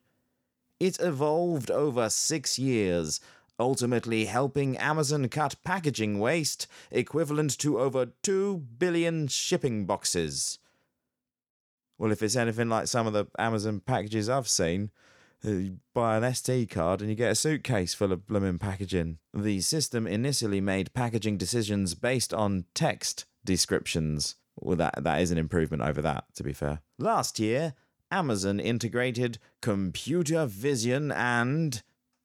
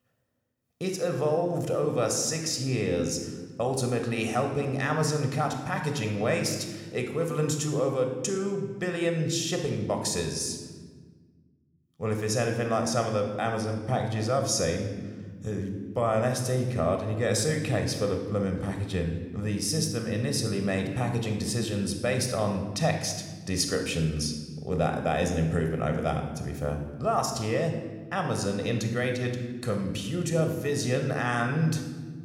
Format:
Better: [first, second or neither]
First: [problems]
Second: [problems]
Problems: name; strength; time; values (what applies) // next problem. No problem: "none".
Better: first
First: none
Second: room echo; slight; dies away in 1.2 s